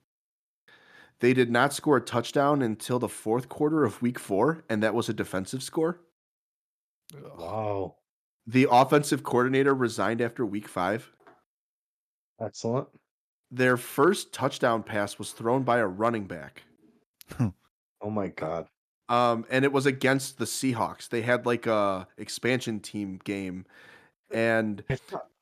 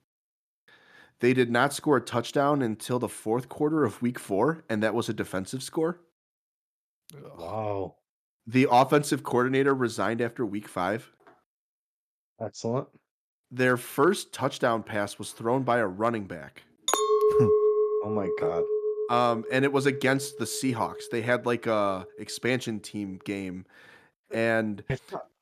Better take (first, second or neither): first